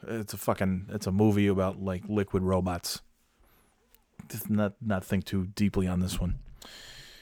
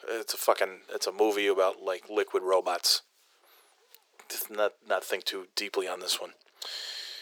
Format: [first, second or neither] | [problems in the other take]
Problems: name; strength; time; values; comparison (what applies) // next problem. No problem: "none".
first | thin; very; fading below 400 Hz